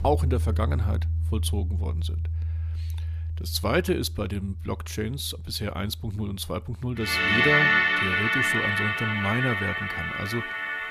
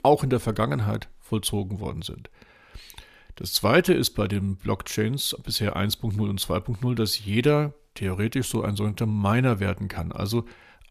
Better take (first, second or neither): second